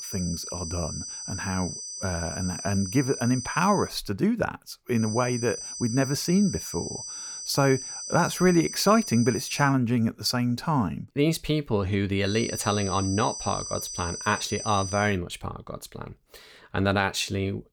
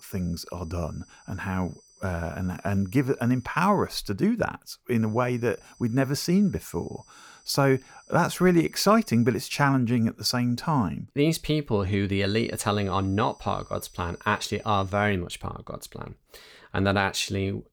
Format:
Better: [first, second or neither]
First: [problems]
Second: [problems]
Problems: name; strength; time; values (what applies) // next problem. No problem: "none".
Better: second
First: high-pitched whine; loud; until 4 s, from 5 to 9.5 s and from 12 to 15 s; 6 kHz, 8 dB below the speech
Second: high-pitched whine; faint; until 4 s, from 5 to 9.5 s and from 12 to 15 s; 6 kHz, 30 dB below the speech